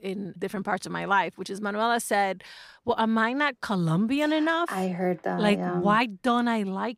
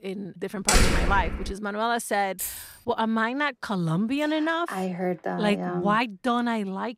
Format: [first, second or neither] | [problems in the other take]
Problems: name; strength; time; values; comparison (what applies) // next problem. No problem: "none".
first | door banging; loud; at 0.5 s; peak 6 dB above the speech // jangling keys; noticeable; at 2.5 s; peak 5 dB below the speech